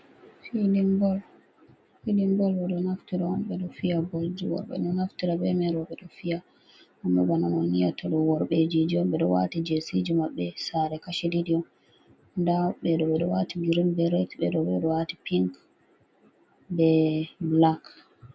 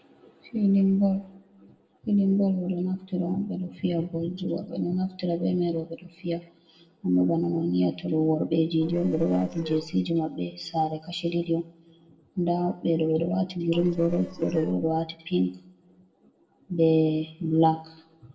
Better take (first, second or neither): first